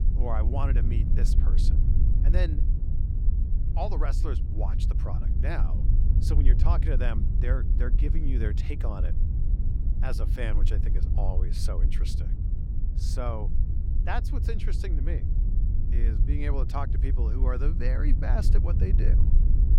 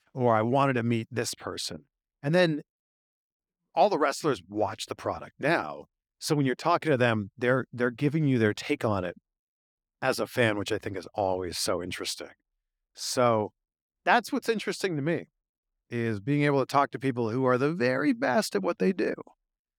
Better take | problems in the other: second | wind noise on the microphone; heavy; 6 dB below the speech

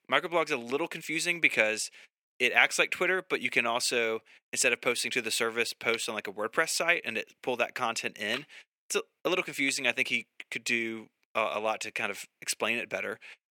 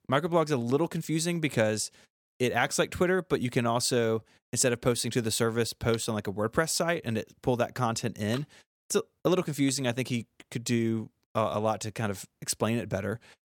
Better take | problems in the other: second | thin; somewhat; fading below 350 Hz

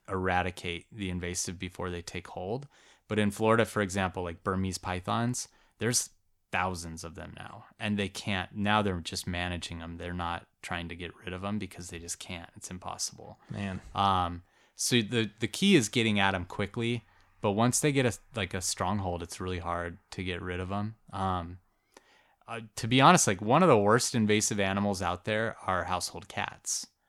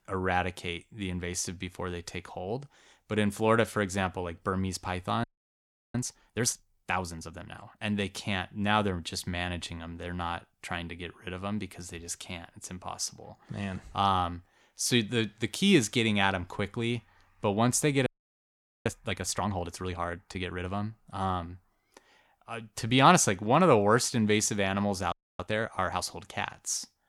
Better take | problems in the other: first | audio freezing; at 5 s for 0.5 s, at 18 s for 1 s and at 25 s

